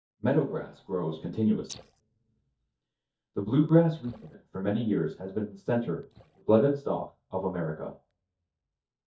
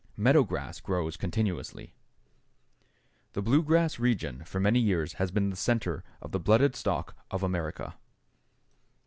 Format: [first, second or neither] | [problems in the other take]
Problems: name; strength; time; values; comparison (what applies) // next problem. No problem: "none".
second | noise reduction (neural mask model DeepFilterNet 3)